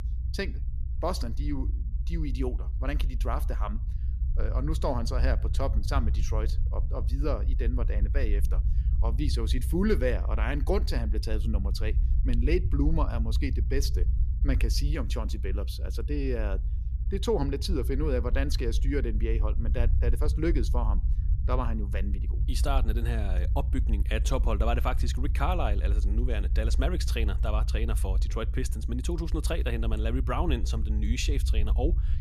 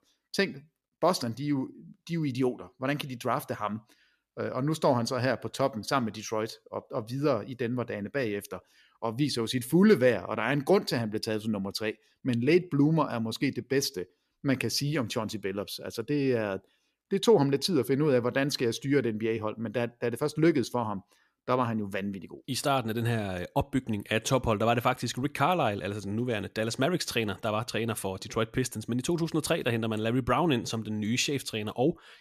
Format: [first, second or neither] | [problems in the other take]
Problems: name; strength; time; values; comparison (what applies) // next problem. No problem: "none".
second | low rumble; noticeable; throughout; 15 dB below the speech